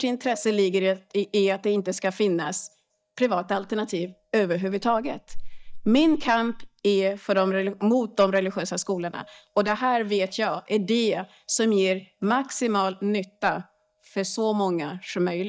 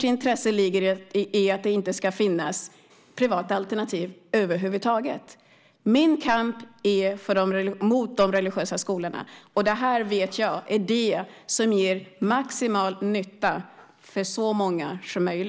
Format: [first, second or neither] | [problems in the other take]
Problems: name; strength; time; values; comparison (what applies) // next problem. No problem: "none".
second | noise reduction (neural mask model DeepFilterNet 3)